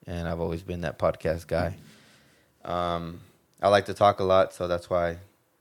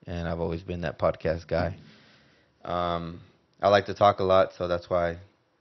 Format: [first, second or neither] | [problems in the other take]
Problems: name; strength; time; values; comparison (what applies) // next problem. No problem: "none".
first | garbled, watery; slightly; nothing above 6 kHz